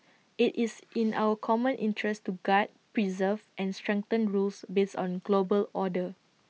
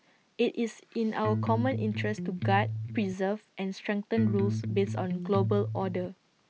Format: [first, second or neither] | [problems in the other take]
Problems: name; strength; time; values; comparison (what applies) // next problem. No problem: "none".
first | background sound (Electric guitar); 1 dB below the speech